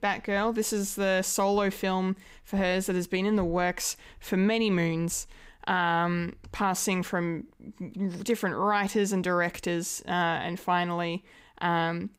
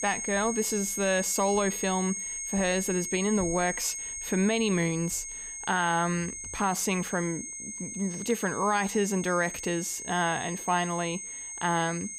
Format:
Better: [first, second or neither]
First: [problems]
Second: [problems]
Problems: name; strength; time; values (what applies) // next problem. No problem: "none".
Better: first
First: none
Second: high-pitched whine; loud; throughout; 6.5 kHz, 6 dB below the speech